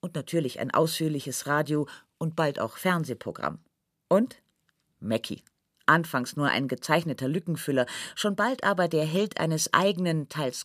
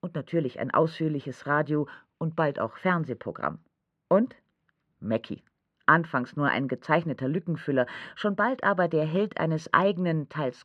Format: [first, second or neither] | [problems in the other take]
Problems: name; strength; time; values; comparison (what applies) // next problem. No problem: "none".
first | muffled; very; fading above 2 kHz